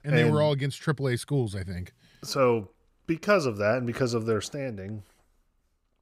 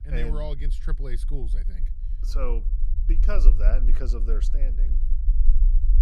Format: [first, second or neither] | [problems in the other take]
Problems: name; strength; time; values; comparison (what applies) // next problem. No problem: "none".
first | low rumble; noticeable; throughout; 10 dB below the speech